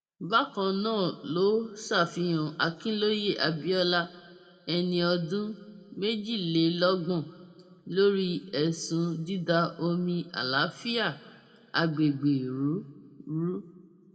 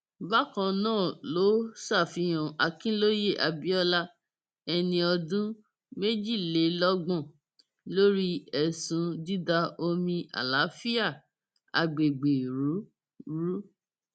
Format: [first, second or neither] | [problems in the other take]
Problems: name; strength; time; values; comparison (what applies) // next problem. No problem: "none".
second | room echo; dies away in 1.3 s